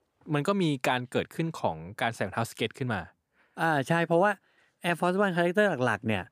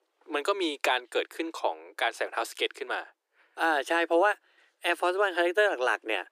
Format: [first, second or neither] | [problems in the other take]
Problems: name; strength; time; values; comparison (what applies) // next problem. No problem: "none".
first | thin; very; fading below 300 Hz